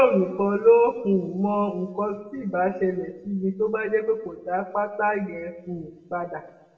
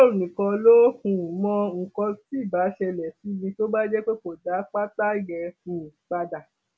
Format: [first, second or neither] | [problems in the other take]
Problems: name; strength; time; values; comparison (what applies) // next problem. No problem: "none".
second | room echo; dies away in 0.7 s